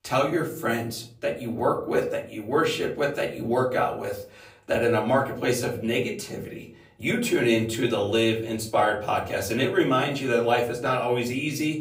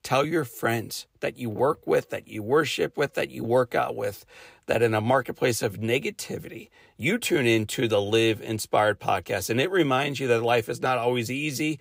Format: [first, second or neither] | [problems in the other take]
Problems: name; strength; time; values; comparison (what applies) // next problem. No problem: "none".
second | off-mic speech; far // room echo; very slight; dies away in 0.4 s